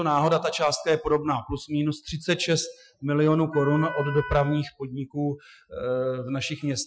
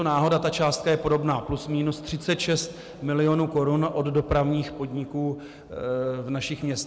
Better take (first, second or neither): second